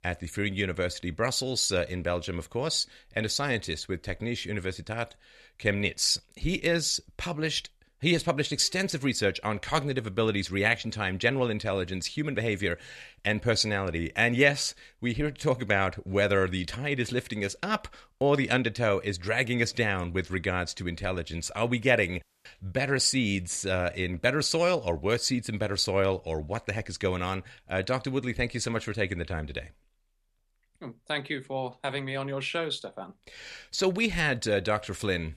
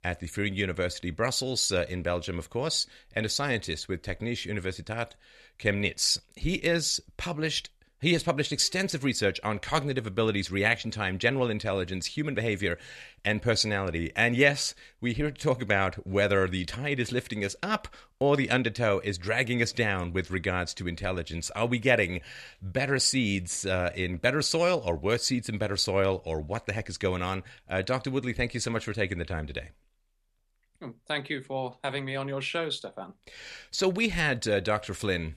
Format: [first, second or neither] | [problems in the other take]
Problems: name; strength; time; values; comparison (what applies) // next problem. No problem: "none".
second | audio cutting out; at 22 s